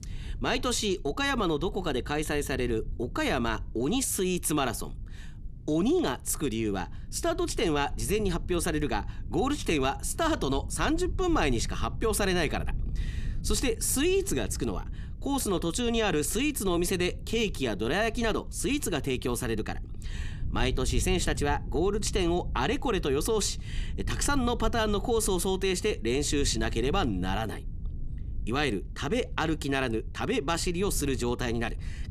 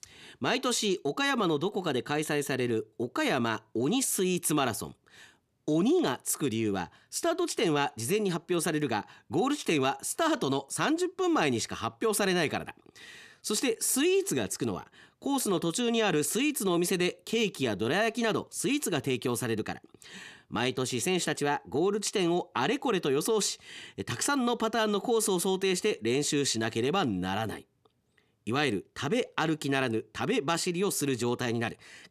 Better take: second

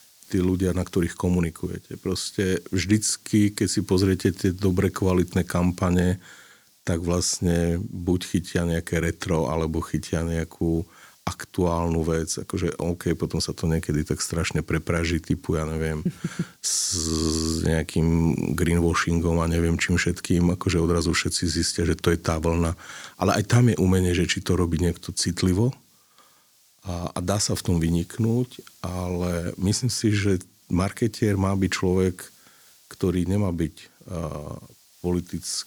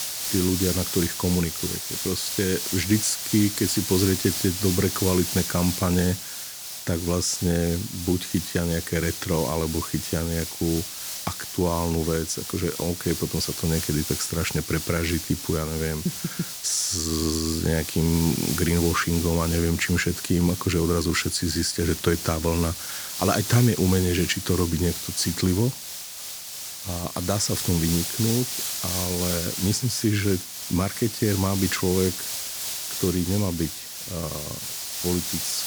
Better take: first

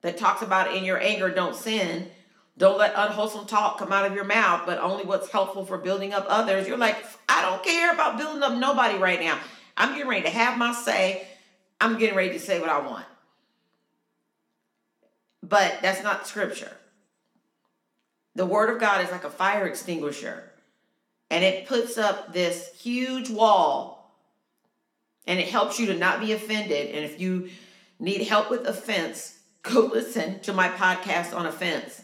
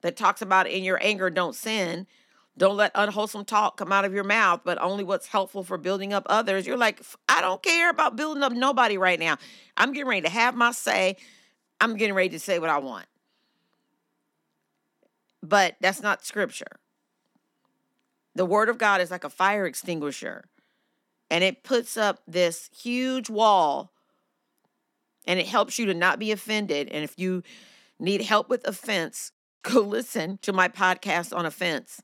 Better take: second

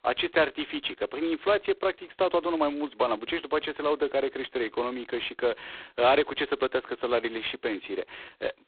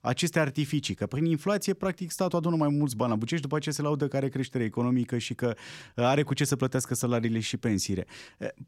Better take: second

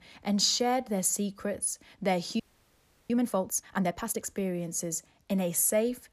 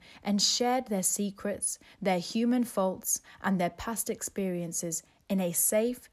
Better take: second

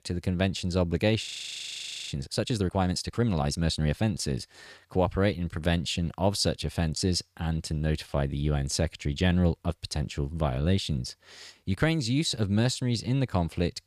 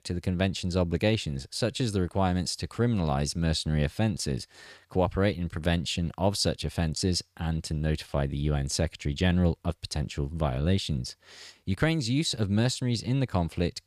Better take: second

